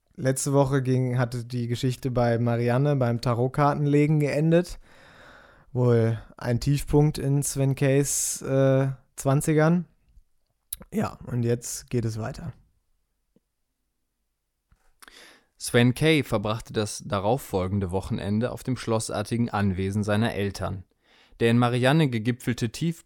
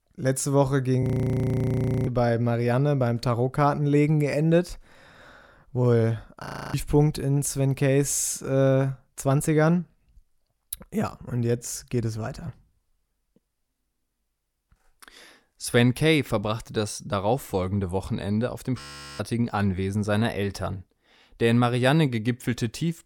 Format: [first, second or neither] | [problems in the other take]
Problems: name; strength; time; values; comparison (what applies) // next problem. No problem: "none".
first | audio freezing; at 1 s for 1 s, at 6.5 s and at 19 s